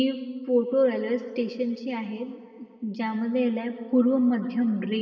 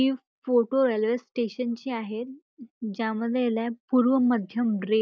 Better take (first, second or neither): second